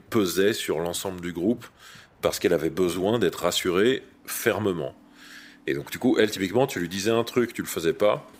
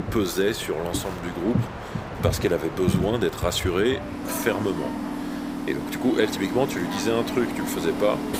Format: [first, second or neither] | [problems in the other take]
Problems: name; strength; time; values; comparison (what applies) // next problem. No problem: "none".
first | train or aircraft noise; loud; throughout; 4 dB below the speech; faint in the first